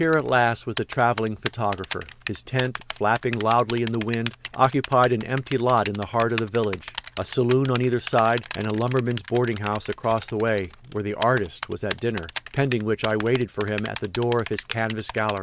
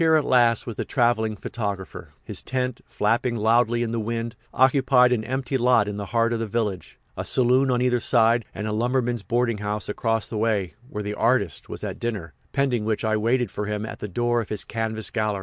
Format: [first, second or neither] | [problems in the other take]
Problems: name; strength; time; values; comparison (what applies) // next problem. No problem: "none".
second | background sound (Typing); 14 dB below the speech